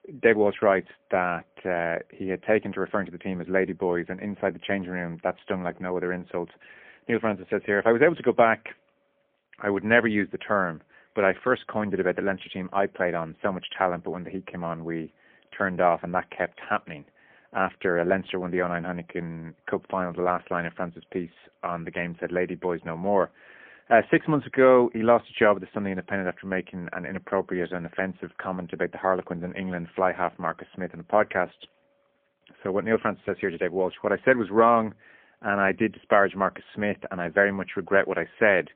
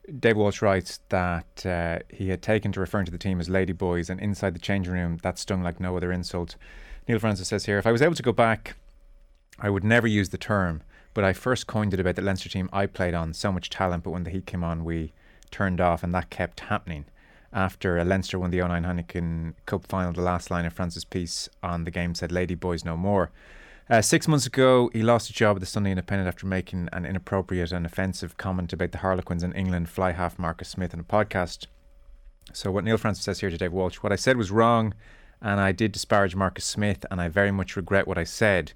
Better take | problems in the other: second | phone-call audio; poor line; nothing above 3.5 kHz

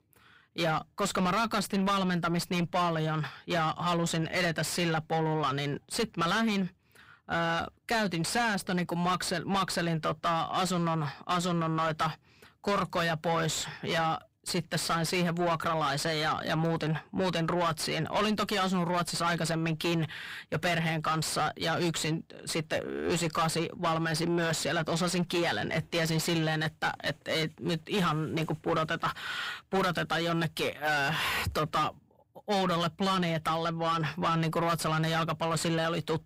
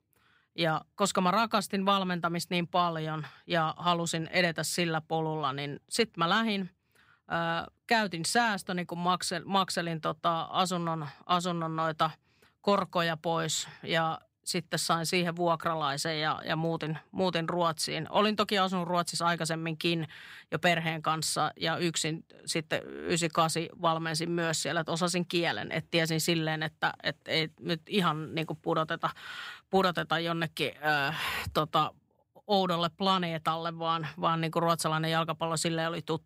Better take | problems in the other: second | distortion; heavy; 6 dB below the speech

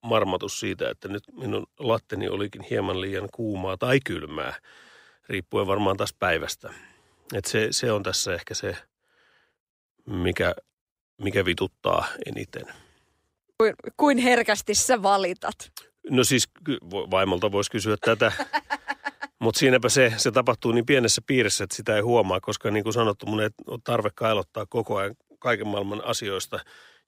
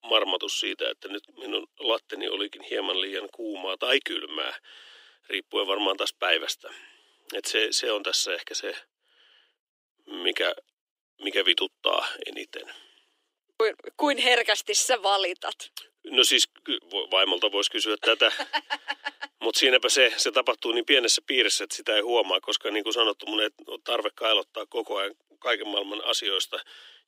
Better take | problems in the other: first | thin; somewhat; fading below 300 Hz

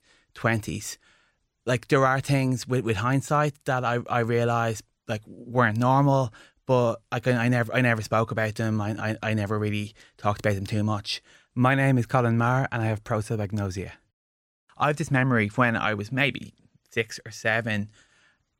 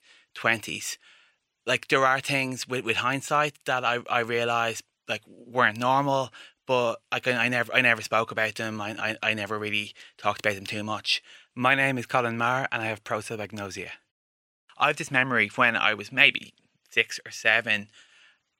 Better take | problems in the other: first | thin; somewhat; fading below 550 Hz

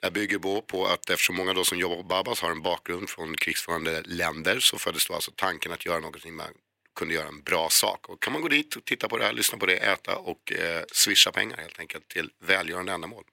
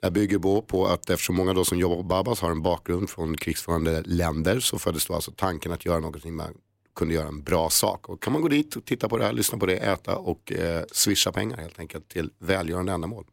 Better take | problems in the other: second | thin; somewhat; fading below 650 Hz

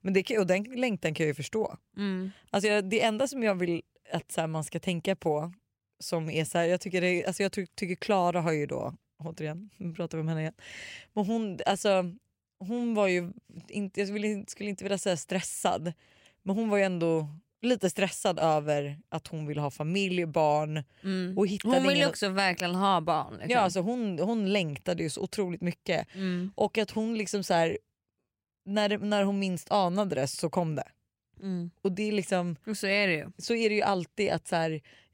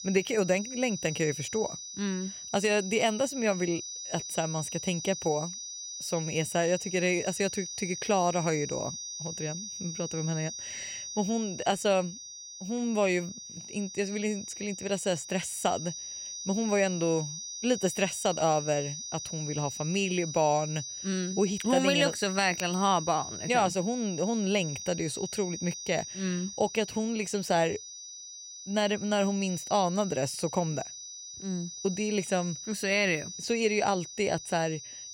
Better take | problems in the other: first | high-pitched whine; loud; throughout; 6 kHz, 8 dB below the speech

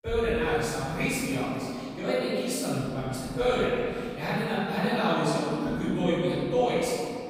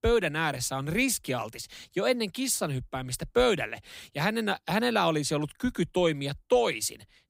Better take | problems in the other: second | off-mic speech; far // room echo; strong; dies away in 2.8 s

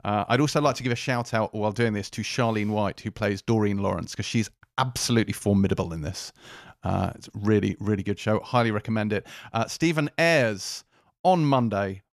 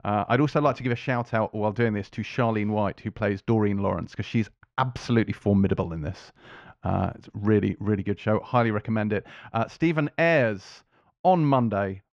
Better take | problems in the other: first | muffled; slightly; fading above 2.5 kHz

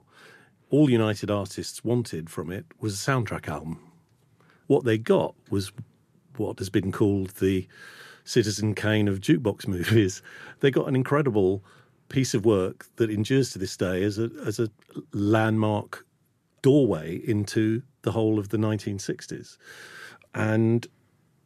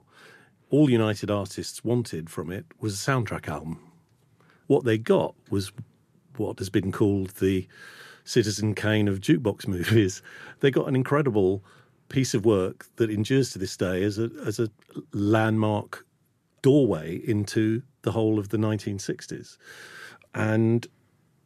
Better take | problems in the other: neither | none

